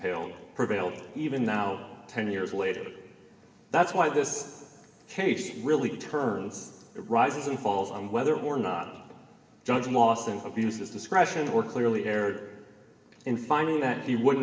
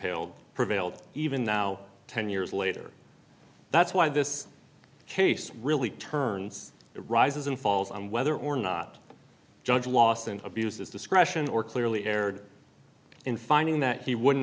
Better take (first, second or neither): second